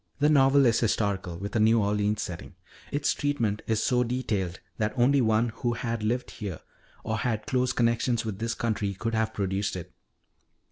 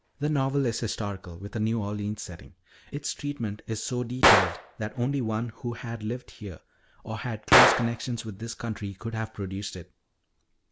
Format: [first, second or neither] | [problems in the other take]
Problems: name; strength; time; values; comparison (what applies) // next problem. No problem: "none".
first | background sound (Gunshot, gunfire); as loud as the speech